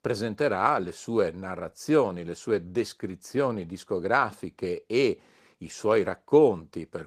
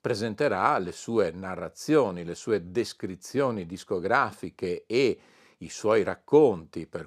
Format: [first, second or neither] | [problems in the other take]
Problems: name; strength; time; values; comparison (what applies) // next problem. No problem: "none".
second | garbled, watery; slightly; nothing above 15 kHz